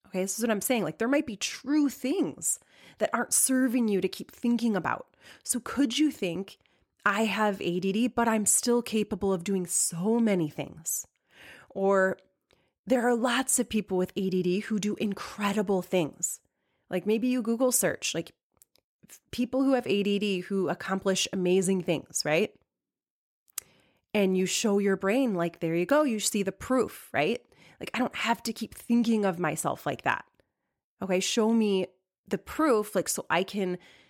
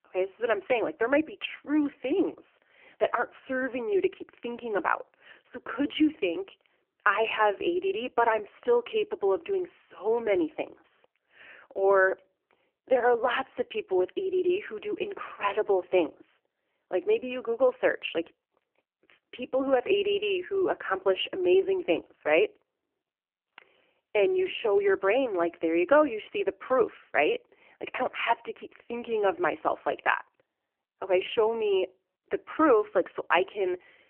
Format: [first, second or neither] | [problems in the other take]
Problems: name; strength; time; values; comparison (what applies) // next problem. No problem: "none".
first | phone-call audio; poor line; nothing above 3 kHz